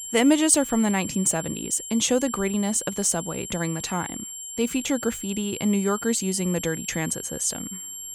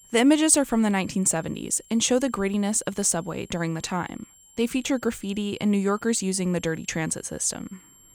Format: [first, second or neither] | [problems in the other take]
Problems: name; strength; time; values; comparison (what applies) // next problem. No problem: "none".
second | high-pitched whine; loud; throughout; 7.5 kHz, 9 dB below the speech; faint in the second